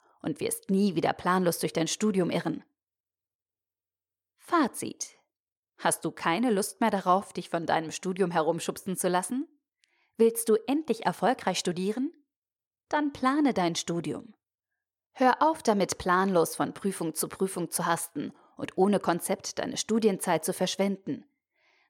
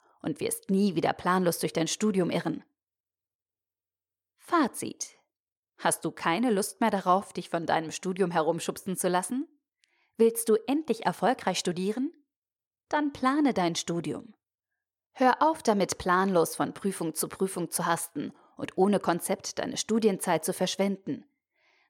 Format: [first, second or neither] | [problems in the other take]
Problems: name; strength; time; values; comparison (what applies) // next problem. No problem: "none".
neither | none